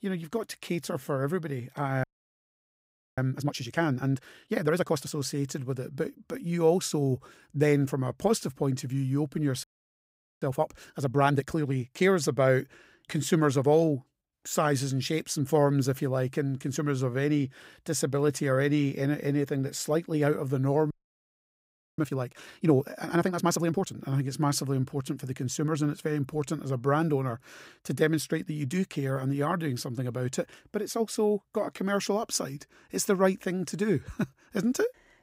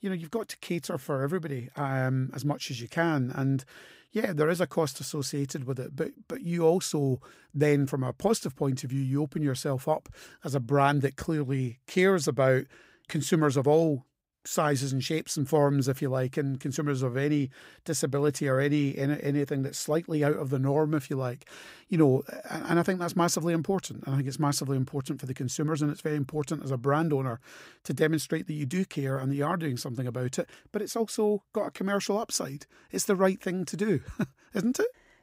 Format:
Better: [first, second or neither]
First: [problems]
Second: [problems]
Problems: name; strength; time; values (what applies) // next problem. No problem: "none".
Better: second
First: audio freezing; at 2 s for 1 s, at 9.5 s for 1 s and at 21 s for 1 s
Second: none